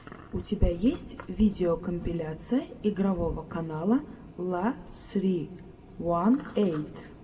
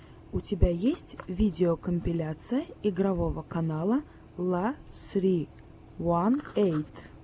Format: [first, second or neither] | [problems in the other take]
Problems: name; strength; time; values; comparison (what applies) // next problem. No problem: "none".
second | room echo; dies away in 1.1 s